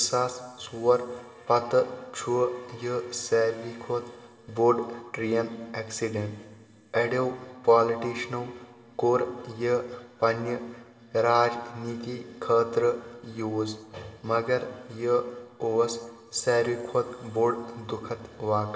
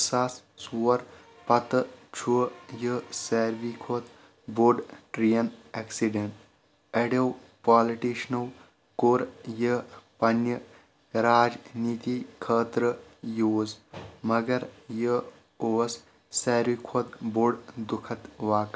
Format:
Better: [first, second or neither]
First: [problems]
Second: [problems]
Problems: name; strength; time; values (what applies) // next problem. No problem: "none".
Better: second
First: room echo; dies away in 2.6 s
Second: none